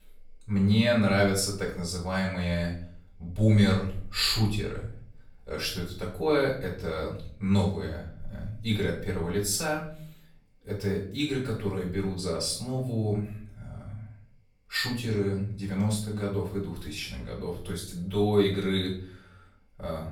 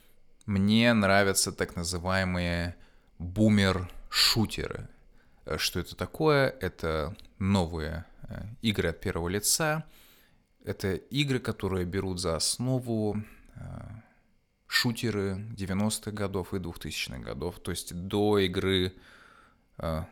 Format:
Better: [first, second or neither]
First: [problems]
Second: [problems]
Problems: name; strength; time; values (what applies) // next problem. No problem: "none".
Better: second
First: off-mic speech; far // room echo; slight; dies away in 0.5 s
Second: none